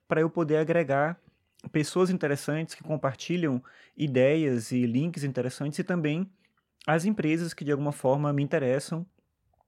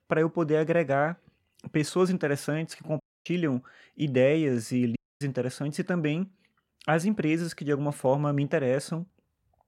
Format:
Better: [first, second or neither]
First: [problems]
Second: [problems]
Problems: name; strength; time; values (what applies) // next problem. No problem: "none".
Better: first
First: none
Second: audio cutting out; at 3 s and at 5 s